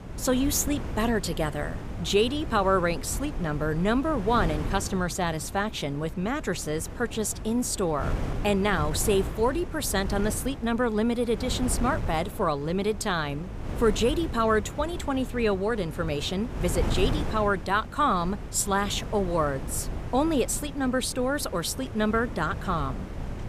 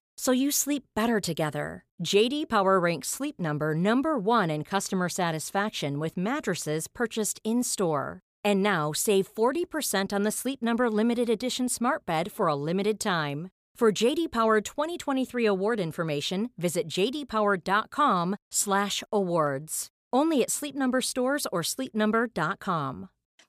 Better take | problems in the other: second | wind noise on the microphone; occasional gusts; 15 dB below the speech

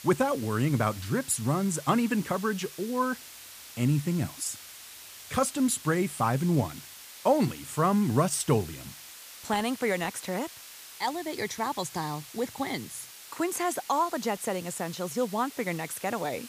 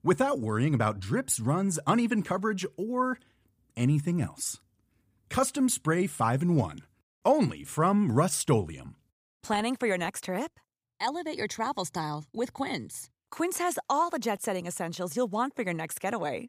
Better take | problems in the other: second | hiss; noticeable; throughout; 15 dB below the speech

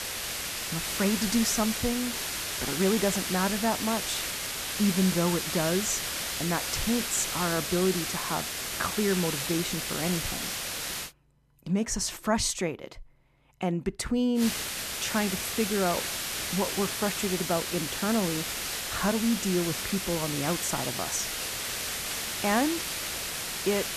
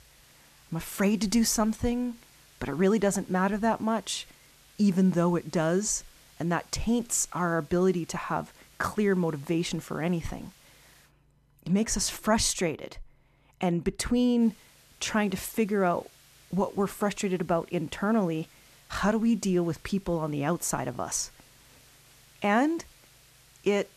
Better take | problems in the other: second | hiss; loud; until 11 s and from 14 s on; 1 dB below the speech; faint in the second

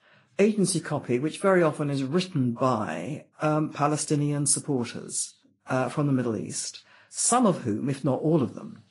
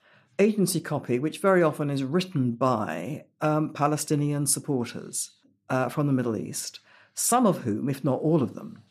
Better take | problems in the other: second | garbled, watery; slightly; nothing above 11 kHz

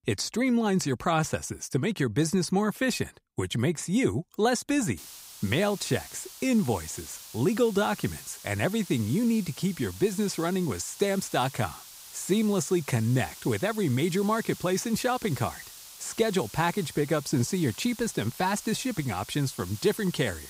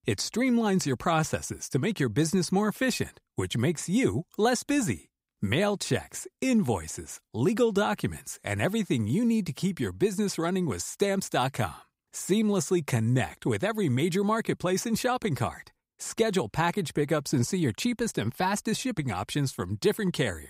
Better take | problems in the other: second | hiss; noticeable; from 5 s on; 15 dB below the speech

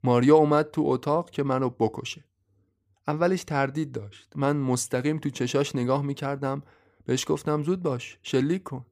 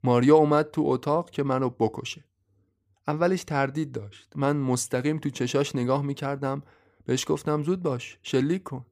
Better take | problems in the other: neither | none

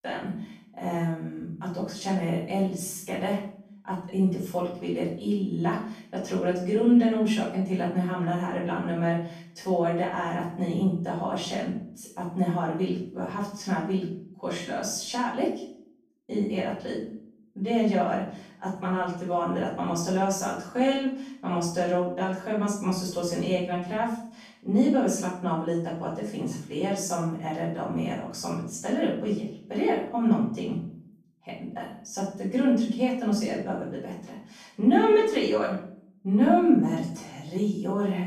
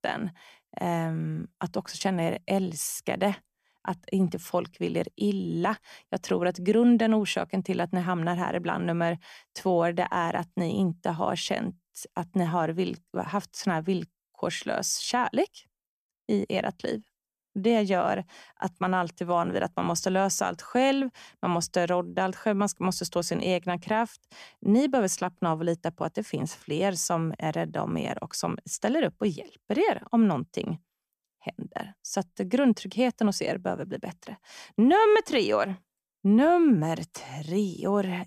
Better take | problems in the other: second | off-mic speech; far // room echo; noticeable; dies away in 0.5 s

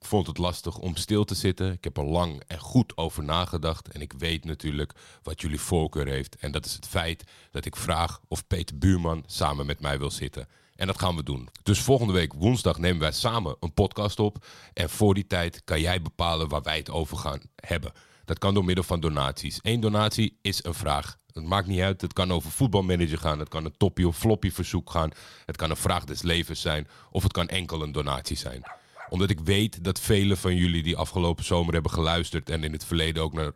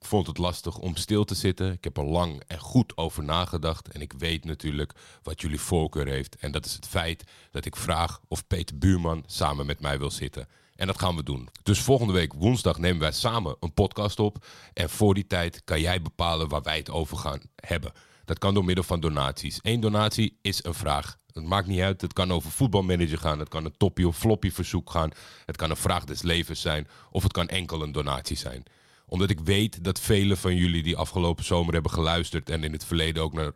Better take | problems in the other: second | dog barking; faint; at 29 s; peak 15 dB below the speech

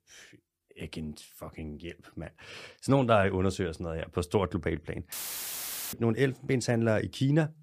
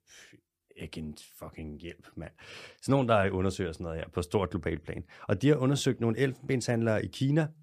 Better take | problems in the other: second | audio cutting out; filled with static; at 5 s for 1 s

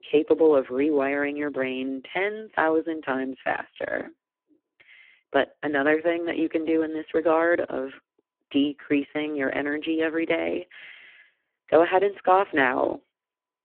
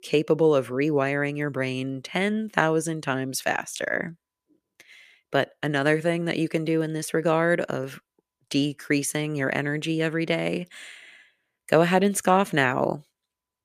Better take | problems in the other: second | phone-call audio; poor line

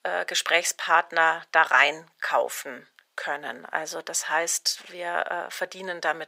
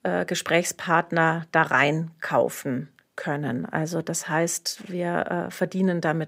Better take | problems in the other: second | thin; very; fading below 800 Hz

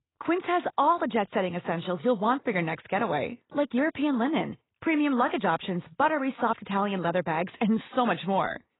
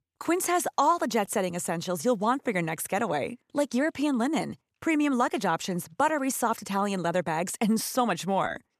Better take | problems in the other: second | garbled, watery; badly; nothing above 4 kHz

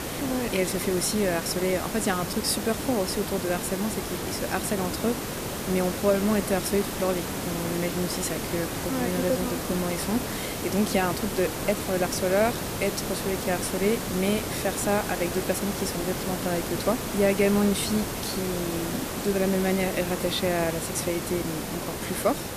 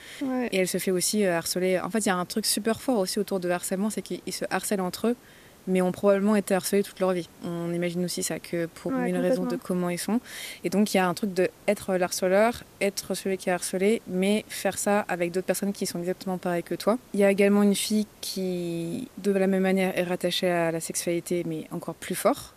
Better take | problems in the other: second | hiss; loud; throughout; 3 dB below the speech; faint in the second

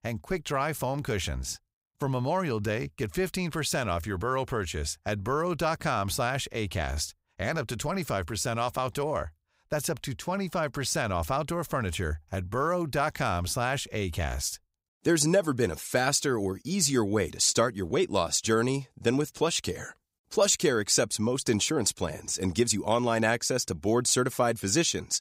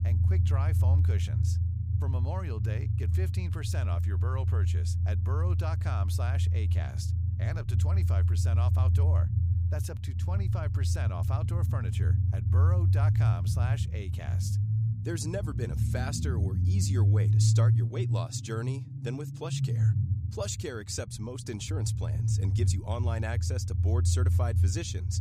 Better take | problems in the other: first | low rumble; loud; throughout; 2 dB below the speech

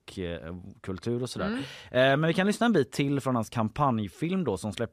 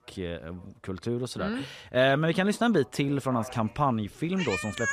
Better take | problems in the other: first | animal sounds; loud; throughout; 8 dB below the speech

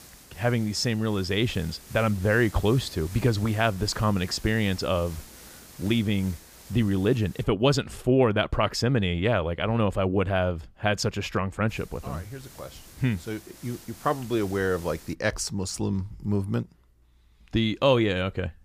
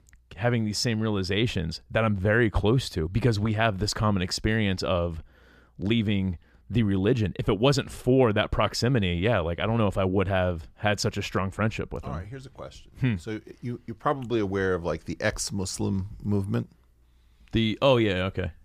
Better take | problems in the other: second | hiss; noticeable; until 7.5 s and from 12 to 15 s; 20 dB below the speech

